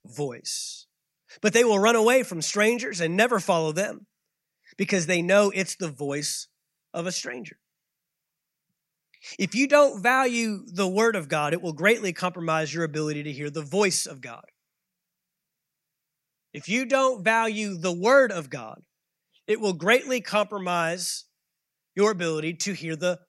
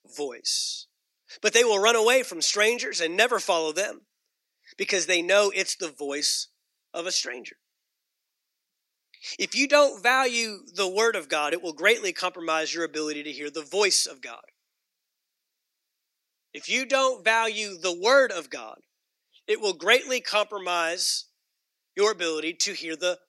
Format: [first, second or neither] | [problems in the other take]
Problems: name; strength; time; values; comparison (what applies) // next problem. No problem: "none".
first | thin; somewhat; fading below 300 Hz